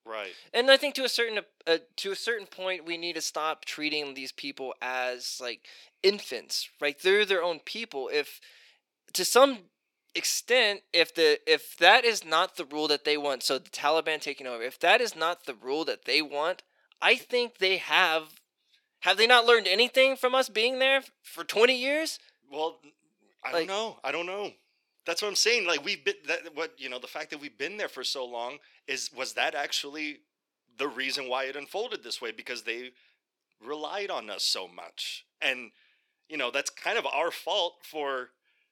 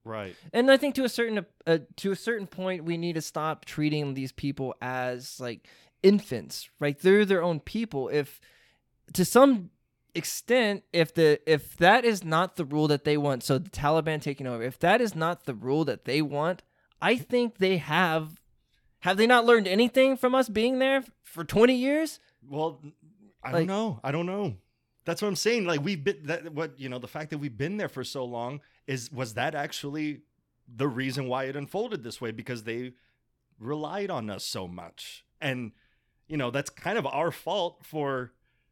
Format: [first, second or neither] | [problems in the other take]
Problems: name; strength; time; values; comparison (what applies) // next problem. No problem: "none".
second | thin; somewhat; fading below 400 Hz